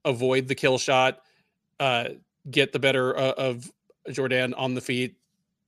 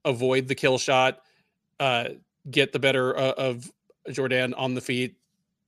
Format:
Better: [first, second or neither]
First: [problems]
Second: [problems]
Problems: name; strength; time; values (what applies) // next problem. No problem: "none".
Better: neither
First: none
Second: none